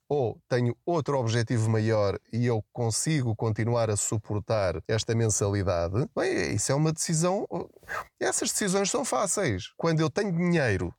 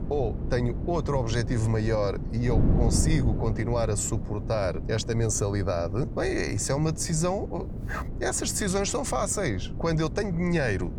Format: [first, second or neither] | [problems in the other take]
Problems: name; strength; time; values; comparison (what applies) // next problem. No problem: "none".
first | wind noise on the microphone; occasional gusts; 10 dB below the speech